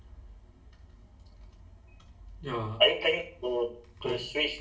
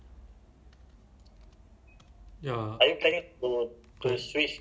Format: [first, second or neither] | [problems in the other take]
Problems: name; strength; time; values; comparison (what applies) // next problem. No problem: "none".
second | room echo; dies away in 0.4 s